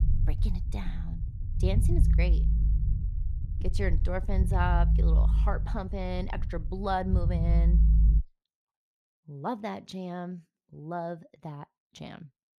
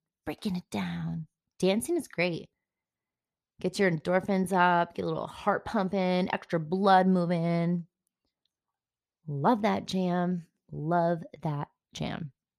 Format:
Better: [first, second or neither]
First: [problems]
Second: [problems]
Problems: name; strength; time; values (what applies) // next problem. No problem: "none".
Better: second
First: low rumble; loud; until 8 s; 9 dB below the speech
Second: none